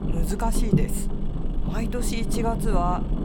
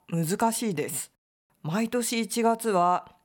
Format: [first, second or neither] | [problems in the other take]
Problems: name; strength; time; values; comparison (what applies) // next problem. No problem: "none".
second | low rumble; loud; throughout; 5 dB below the speech